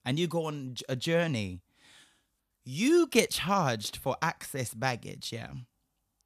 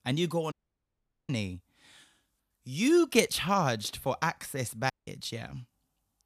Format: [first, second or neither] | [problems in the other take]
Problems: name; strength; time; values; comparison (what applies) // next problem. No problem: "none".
first | audio cutting out; at 0.5 s for 1 s and at 5 s